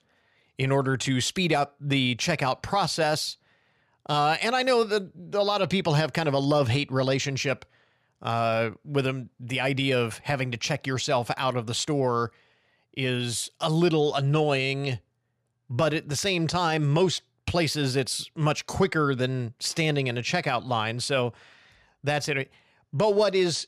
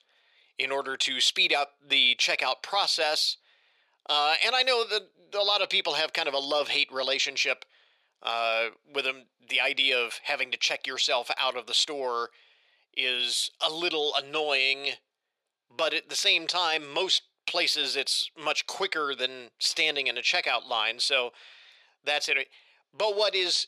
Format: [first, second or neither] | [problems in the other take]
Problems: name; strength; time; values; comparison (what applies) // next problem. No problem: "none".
first | thin; very; fading below 450 Hz